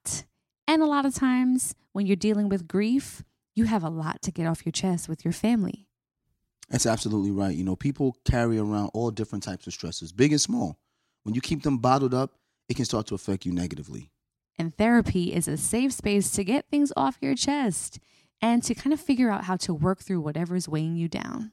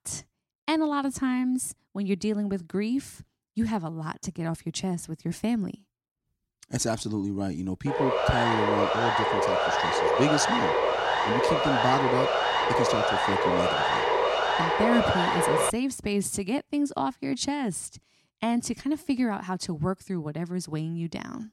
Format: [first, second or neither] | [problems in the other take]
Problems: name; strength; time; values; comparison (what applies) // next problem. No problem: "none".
first | siren; loud; from 8 to 16 s; peak 6 dB above the speech